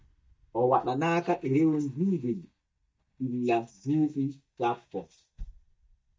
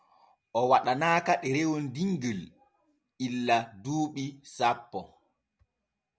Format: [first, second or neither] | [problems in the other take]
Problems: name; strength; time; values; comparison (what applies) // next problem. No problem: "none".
second | noise reduction (neural mask model DeepFilterNet 3)